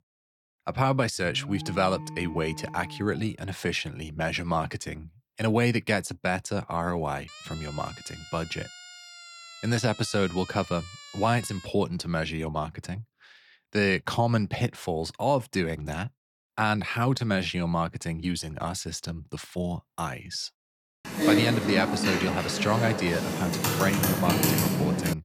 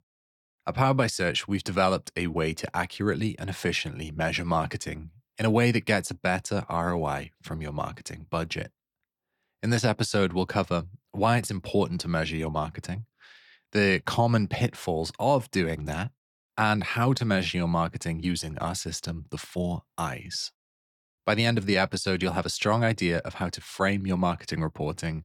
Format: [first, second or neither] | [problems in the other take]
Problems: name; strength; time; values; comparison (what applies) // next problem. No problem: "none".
second | alarm; noticeable; from 1 to 3.5 s; peak 10 dB below the speech // siren; faint; from 7.5 to 12 s; peak 15 dB below the speech // keyboard typing; loud; from 21 s on; peak 6 dB above the speech